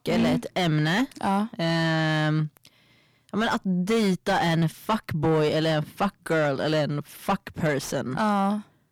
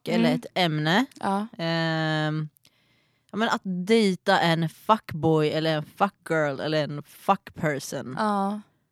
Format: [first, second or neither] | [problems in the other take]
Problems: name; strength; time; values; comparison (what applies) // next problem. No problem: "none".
second | distortion; heavy; 7 dB below the speech